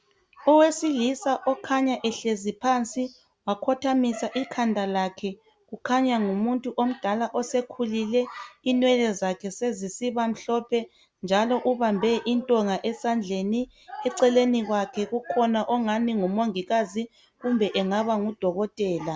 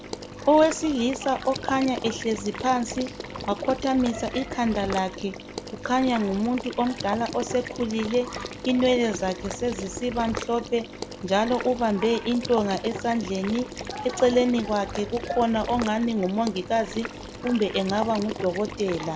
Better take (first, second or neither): first